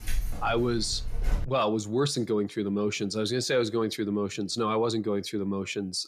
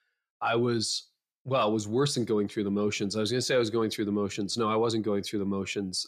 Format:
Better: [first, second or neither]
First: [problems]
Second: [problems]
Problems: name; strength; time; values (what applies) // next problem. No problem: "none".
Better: second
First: jangling keys; noticeable; until 1.5 s; peak 4 dB below the speech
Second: none